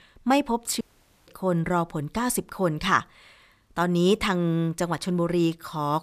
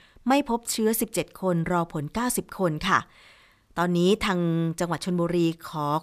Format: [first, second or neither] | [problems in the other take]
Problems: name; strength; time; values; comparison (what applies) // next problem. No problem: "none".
second | audio cutting out; at 1 s